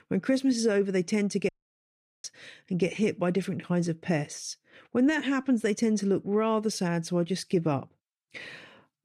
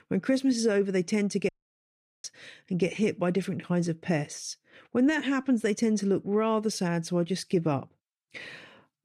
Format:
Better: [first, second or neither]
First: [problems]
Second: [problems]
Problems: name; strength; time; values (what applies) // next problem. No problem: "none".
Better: neither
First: audio cutting out; at 1.5 s for 1 s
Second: audio cutting out; at 1.5 s for 1 s